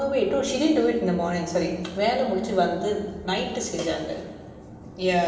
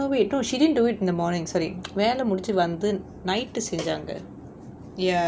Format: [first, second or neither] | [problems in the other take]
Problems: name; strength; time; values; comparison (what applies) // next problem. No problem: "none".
second | room echo; dies away in 1.3 s